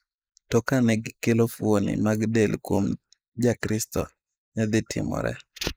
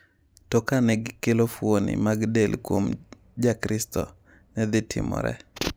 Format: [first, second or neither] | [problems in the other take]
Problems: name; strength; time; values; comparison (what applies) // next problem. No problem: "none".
second | noise reduction (neural mask model Resemble Enhance denoiser)